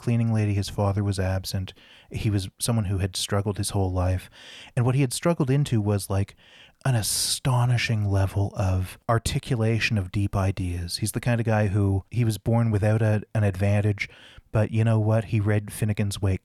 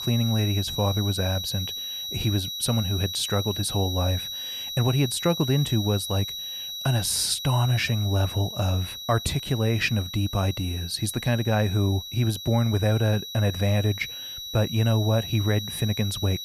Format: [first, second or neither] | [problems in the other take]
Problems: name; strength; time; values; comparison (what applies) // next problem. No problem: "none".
first | high-pitched whine; loud; throughout; 4 kHz, 7 dB below the speech